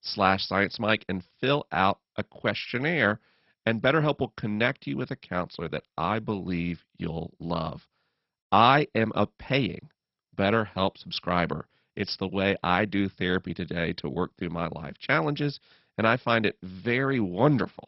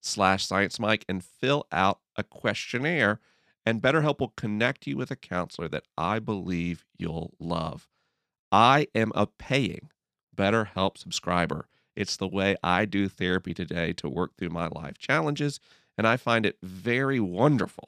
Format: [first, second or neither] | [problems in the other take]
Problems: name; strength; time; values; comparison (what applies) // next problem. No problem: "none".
second | garbled, watery; badly; nothing above 5.5 kHz